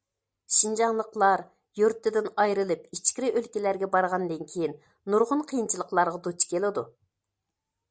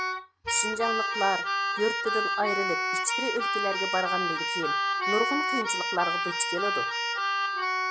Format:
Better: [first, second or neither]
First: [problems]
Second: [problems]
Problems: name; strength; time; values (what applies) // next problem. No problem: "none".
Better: first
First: none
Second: background sound (Keyboard (musical)); 3 dB above the speech